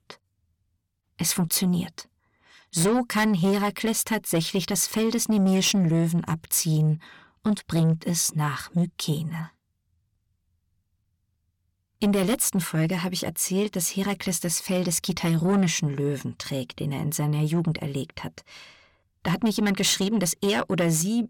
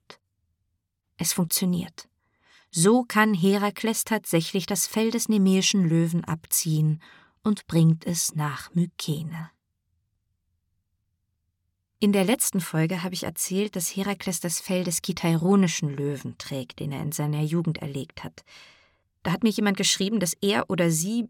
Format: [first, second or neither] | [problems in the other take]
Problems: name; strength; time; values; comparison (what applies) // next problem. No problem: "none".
second | distortion; slight; 10 dB below the speech